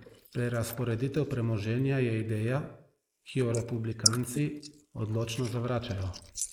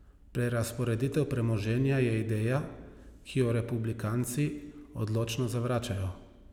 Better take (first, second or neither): second